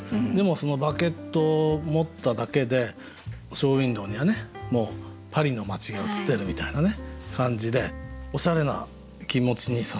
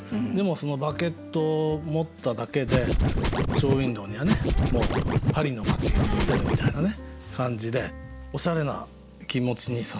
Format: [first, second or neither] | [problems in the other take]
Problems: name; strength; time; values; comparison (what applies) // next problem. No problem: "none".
first | background sound (Scratching (performance technique)); 4 dB above the speech